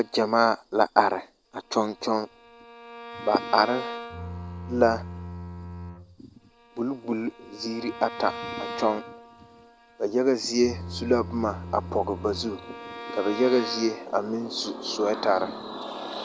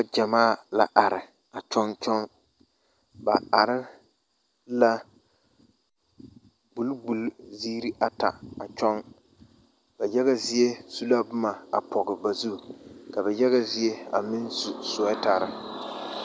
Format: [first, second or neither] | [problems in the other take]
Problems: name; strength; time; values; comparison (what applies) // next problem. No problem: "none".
second | background sound (Bowed string instrument + Bowed string instrument); 12 dB below the speech